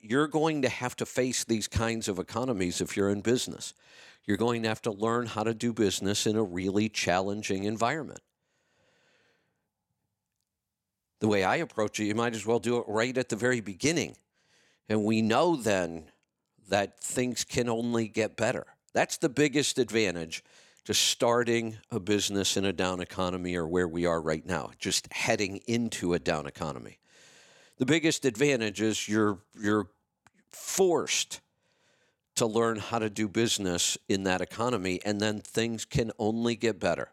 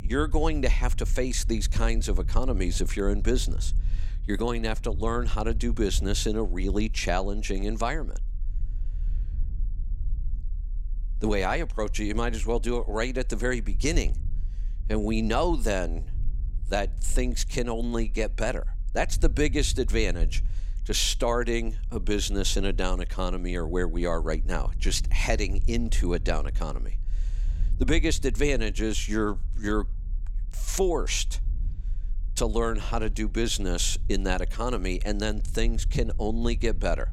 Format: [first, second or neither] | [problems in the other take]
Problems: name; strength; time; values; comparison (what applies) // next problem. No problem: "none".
first | low rumble; faint; throughout; 25 dB below the speech